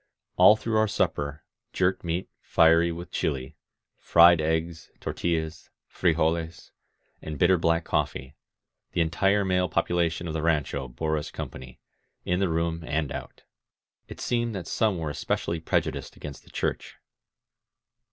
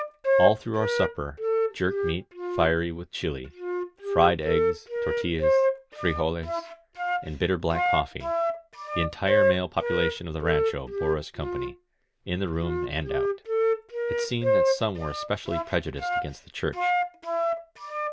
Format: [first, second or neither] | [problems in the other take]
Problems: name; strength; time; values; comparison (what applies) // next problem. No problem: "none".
first | background sound (Wind instrument, woodwind instrument); 2 dB above the speech